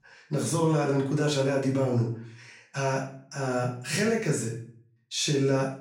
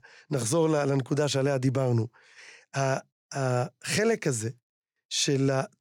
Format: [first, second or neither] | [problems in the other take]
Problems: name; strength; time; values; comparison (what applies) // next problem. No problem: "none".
second | off-mic speech; far // room echo; slight; dies away in 0.4 s